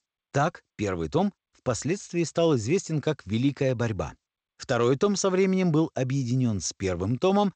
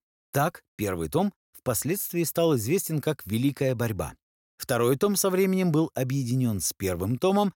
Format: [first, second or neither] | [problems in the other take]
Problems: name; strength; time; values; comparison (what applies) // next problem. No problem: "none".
second | garbled, watery; slightly; nothing above 7.5 kHz